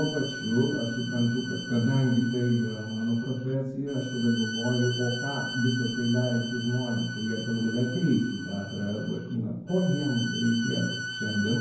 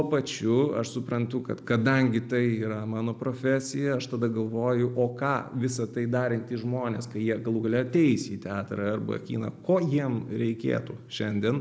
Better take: second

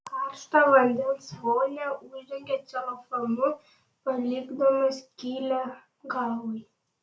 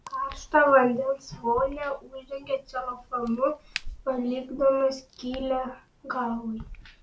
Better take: first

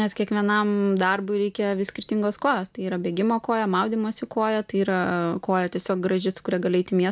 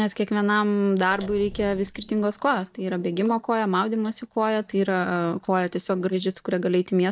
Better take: first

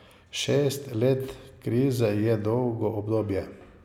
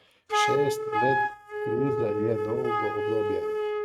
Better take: first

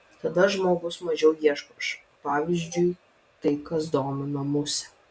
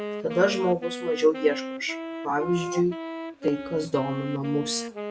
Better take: first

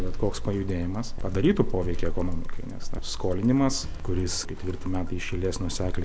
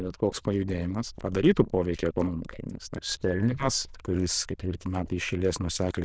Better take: first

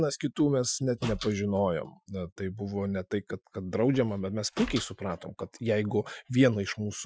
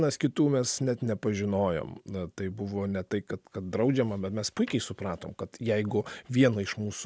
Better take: second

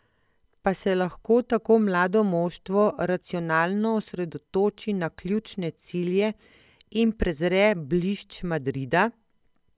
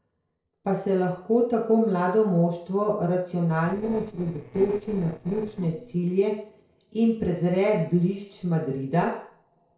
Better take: first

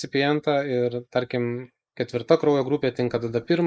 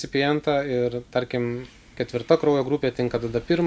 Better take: second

